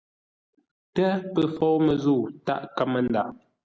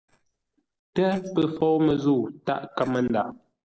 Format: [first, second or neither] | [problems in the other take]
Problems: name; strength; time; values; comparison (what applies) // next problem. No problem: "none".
first | noise reduction (neural separator model SepFormer DNS4)